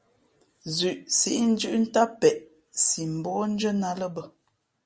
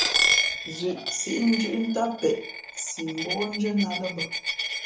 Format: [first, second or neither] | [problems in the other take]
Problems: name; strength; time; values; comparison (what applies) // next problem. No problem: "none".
first | background sound (Coin (dropping)); as loud as the speech // room echo; dies away in 0.7 s